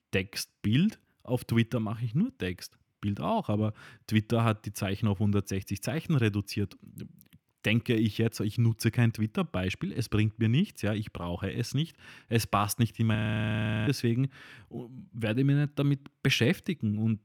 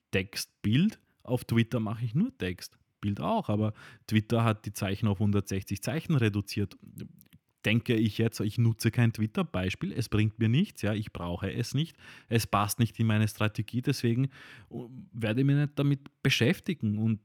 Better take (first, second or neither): second